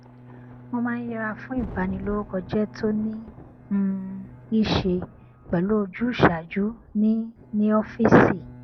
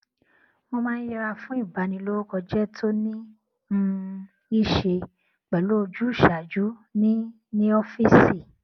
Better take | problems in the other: second | background sound (Bowed string instrument + Thunder); 17 dB below the speech

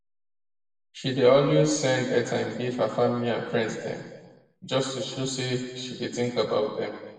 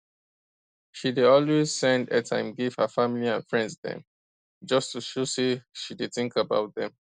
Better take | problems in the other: second | room echo; dies away in 1.2 s

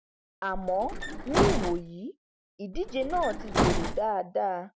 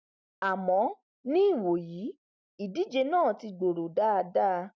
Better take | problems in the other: second | background sound (Bus); 2 dB above the speech

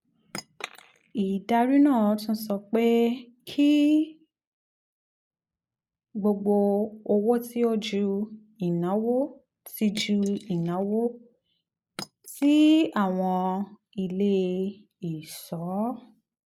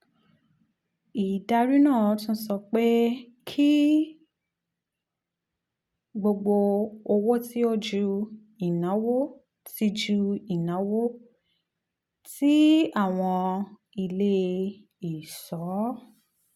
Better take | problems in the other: second | noise reduction (neural mask model Resemble Enhance denoiser)

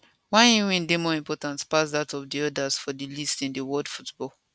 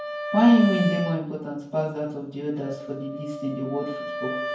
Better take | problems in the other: first | background sound (Wind instrument, woodwind instrument); 8 dB below the speech // room echo; dies away in 0.9 s

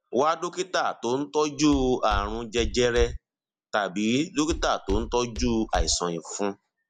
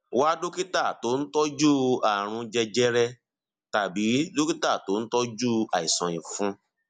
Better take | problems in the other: second | background sound (Walk, footsteps); 6 dB below the speech

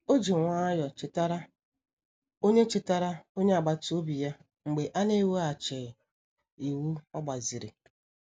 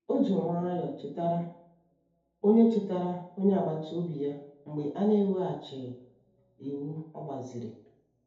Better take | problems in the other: first | room echo; dies away in 2.1 s

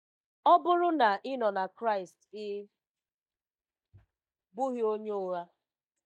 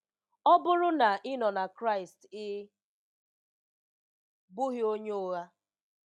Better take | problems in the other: second | noise reduction (neural mask model DeepFilterNet 3)

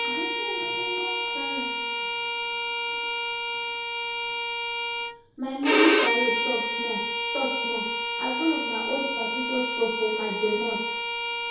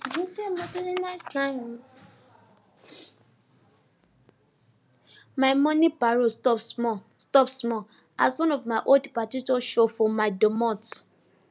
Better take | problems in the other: second | background sound (Bowed string instrument); 4 dB above the speech // room echo; dies away in 1.9 s

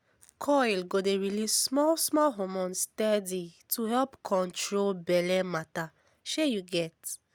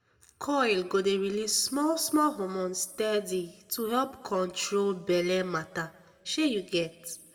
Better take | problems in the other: first | room echo; dies away in 1 s

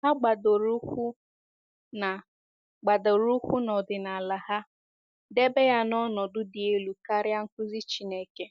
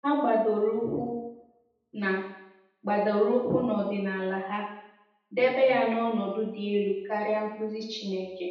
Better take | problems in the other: first | room echo; dies away in 0.8 s

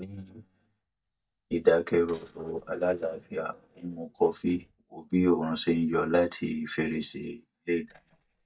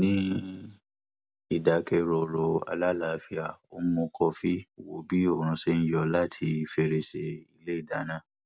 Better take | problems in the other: second | noise reduction (neural mask model DeepFilterNet 3)

